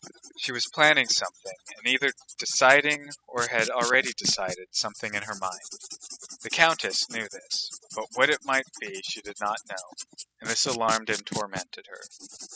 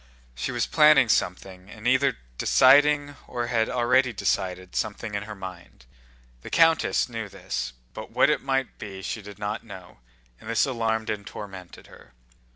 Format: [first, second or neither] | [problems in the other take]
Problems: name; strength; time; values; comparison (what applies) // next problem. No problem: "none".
second | noise reduction (classical method spectral subtraction)